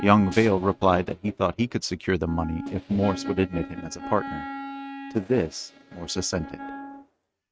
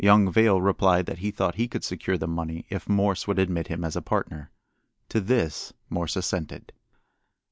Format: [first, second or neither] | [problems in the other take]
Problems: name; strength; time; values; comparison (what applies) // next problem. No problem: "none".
second | noise reduction (neural mask model RNNoise)